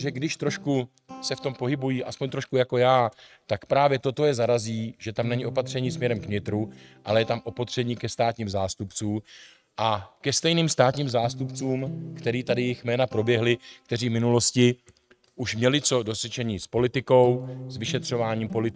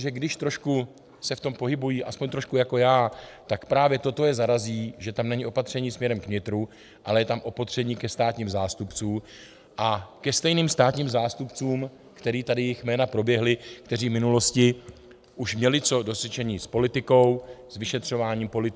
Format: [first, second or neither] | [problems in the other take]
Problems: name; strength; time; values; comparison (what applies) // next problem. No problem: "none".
second | noise reduction (neural mask model RNNoise)